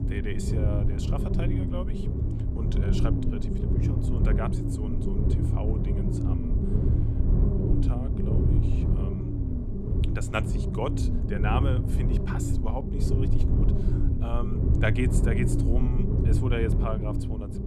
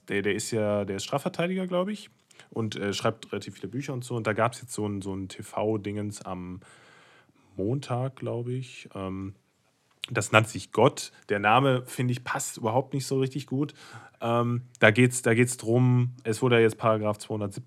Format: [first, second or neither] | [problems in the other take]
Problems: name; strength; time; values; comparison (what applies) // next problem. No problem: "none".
second | low rumble; loud; throughout; 1 dB below the speech